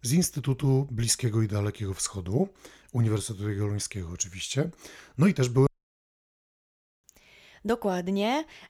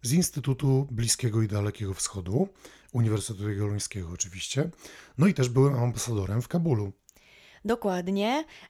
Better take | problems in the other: second | audio cutting out; at 5.5 s for 1.5 s

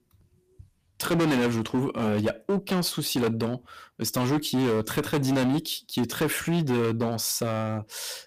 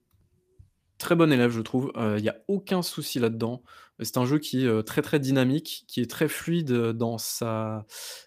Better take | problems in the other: second | distortion; heavy; 14% of the sound clipped

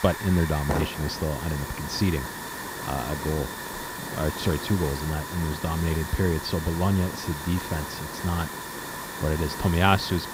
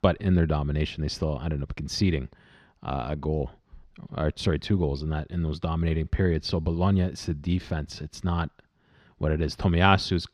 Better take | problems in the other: second | hiss; loud; throughout; 6 dB below the speech

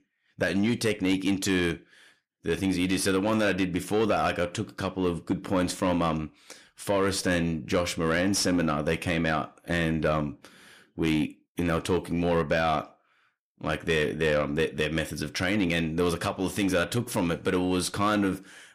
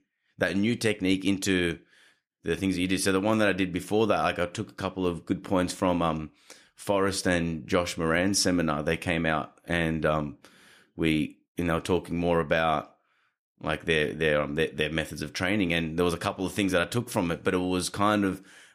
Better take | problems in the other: second | distortion; slight; 10 dB below the speech

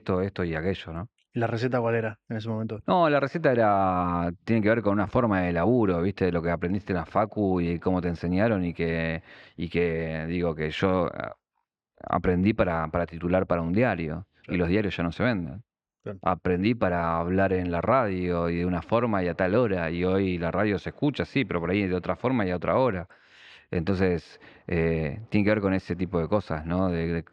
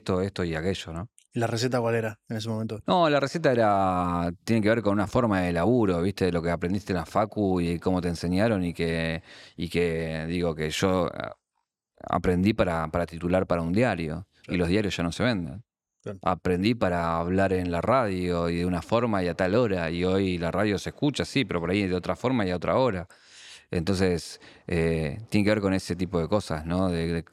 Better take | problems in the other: second | muffled; slightly; fading above 2.5 kHz

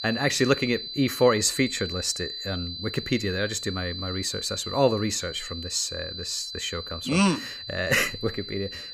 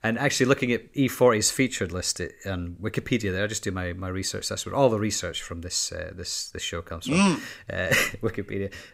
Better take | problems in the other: second | high-pitched whine; loud; throughout; 4 kHz, 7 dB below the speech

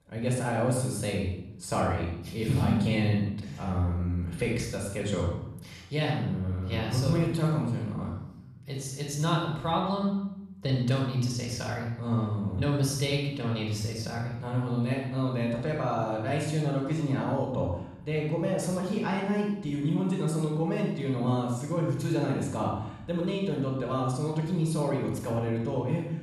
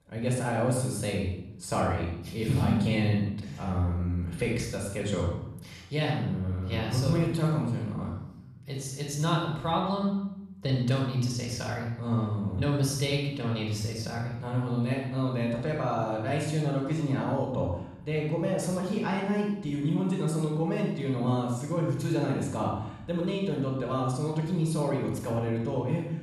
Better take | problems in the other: neither | off-mic speech; far; the same in both // room echo; noticeable; dies away in 0.8 s; the same in both

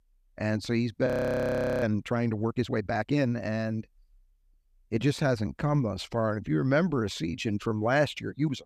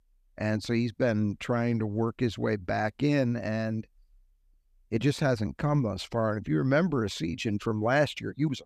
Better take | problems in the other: second | audio freezing; at 1 s for 1 s

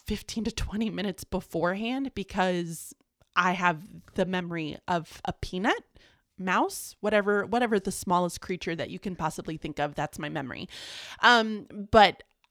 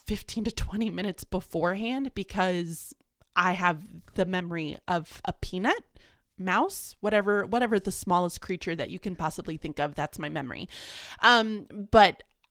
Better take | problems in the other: first | garbled, watery; slightly

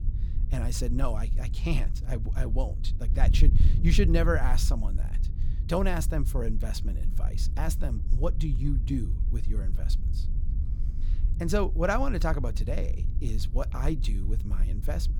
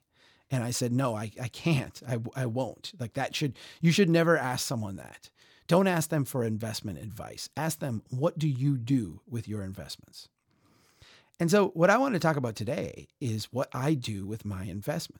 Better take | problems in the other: second | wind noise on the microphone; occasional gusts; 15 dB below the speech

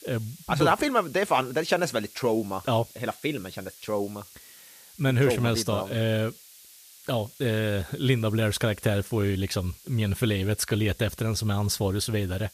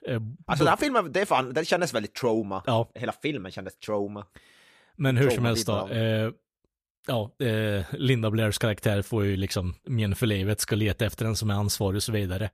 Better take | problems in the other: second | hiss; faint; throughout; 20 dB below the speech

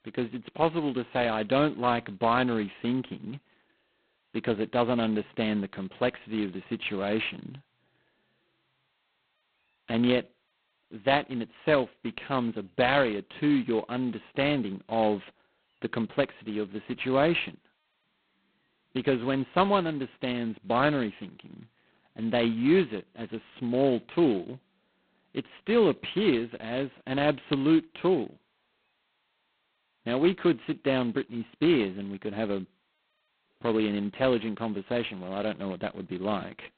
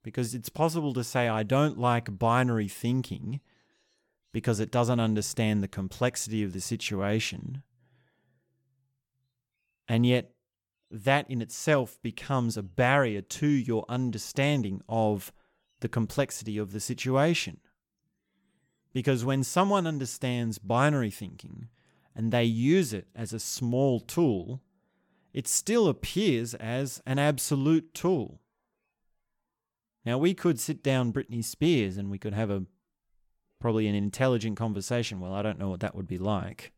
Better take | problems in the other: second | phone-call audio; poor line; nothing above 4 kHz

